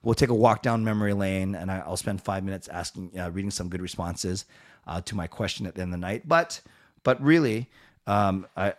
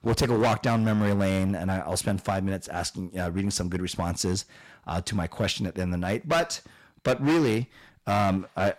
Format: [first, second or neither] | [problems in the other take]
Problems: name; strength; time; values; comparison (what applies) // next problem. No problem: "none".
first | distortion; heavy; 8% of the sound clipped